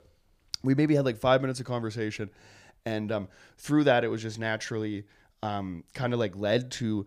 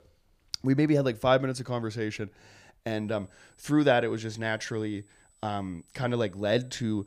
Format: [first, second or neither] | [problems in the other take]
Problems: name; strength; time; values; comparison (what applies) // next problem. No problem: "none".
first | high-pitched whine; faint; from 3 s on; 8 kHz, 35 dB below the speech